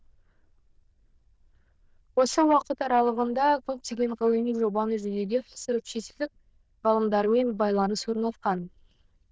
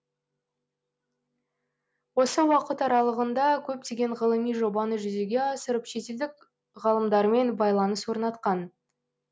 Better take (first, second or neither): second